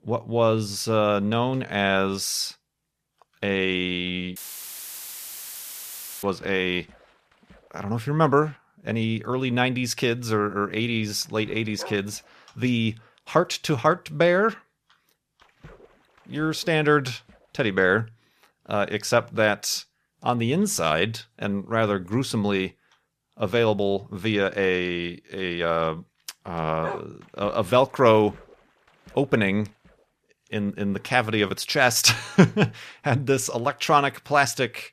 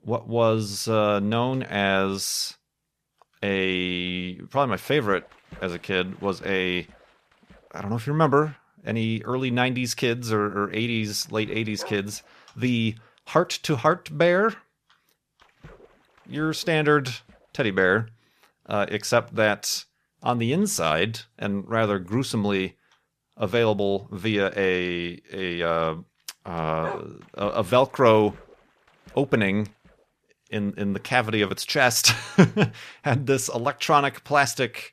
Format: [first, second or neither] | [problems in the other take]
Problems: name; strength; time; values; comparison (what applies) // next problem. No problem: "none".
second | audio cutting out; filled with static; at 4.5 s for 2 s